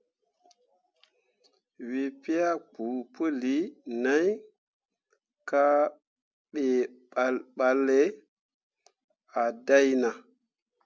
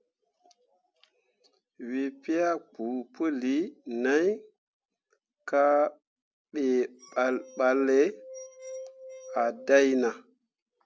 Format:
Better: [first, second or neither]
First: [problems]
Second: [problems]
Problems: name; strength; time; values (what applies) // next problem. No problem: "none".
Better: first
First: none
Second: background sound (Glass); 15 dB below the speech